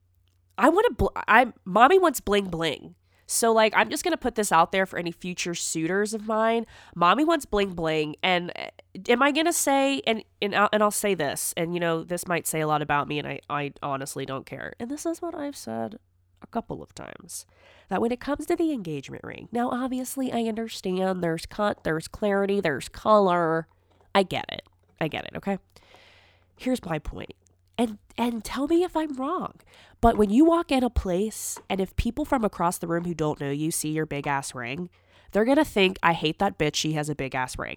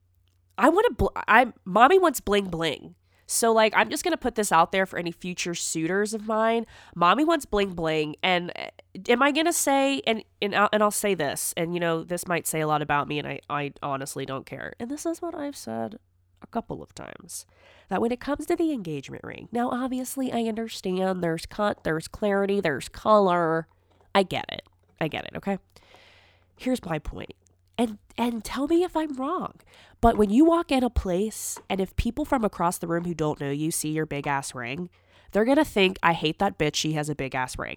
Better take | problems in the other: neither | none

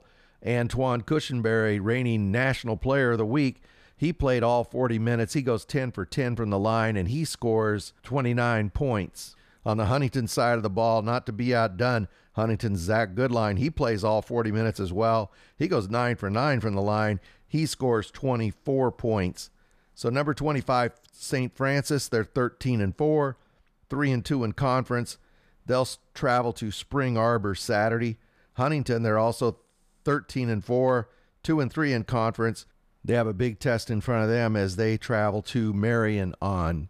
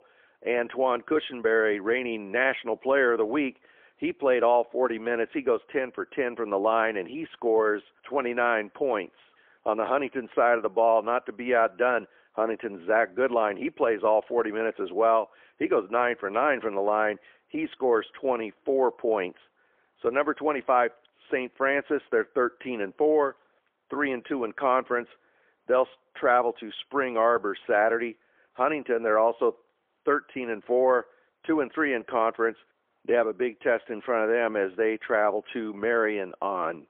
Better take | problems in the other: first | phone-call audio; poor line; nothing above 3.5 kHz

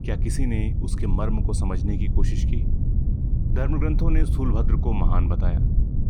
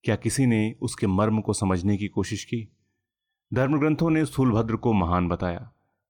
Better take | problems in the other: second | low rumble; loud; throughout; 5 dB below the speech

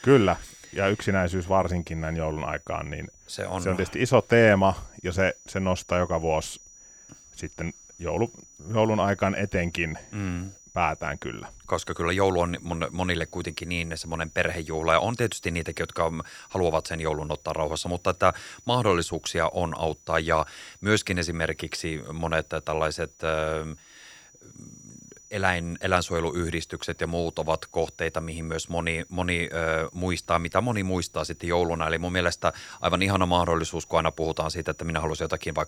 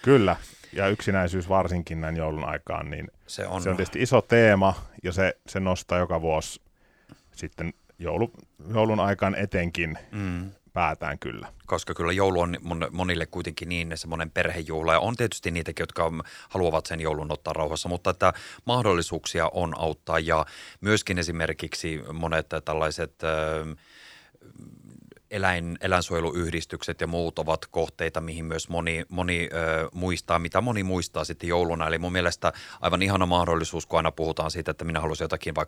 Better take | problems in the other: second | high-pitched whine; faint; throughout; 6 kHz, 25 dB below the speech

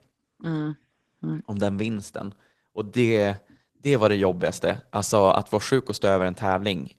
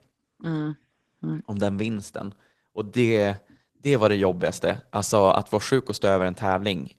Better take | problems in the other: neither | garbled, watery; slightly; nothing above 13 kHz; the same in both

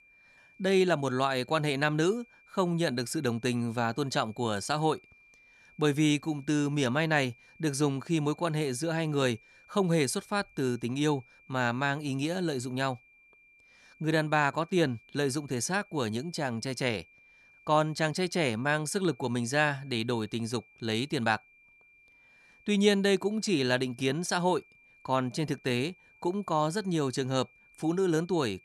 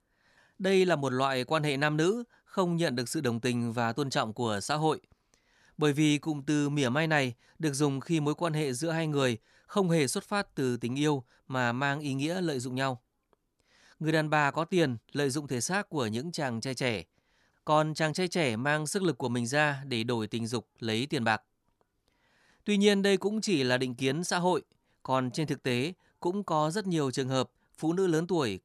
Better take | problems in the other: second | high-pitched whine; faint; throughout; 2.5 kHz, 30 dB below the speech

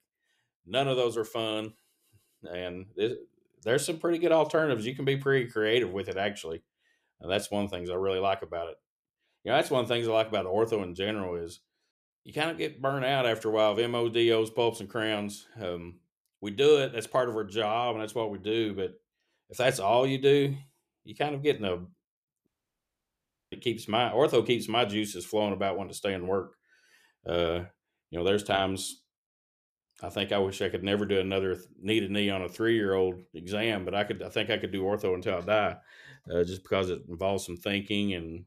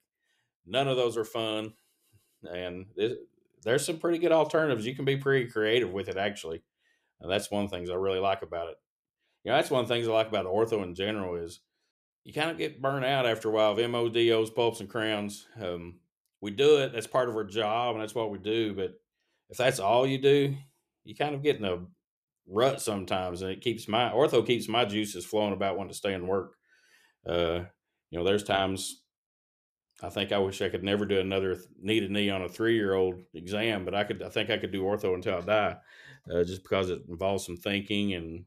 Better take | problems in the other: second | audio cutting out; at 22 s for 1 s

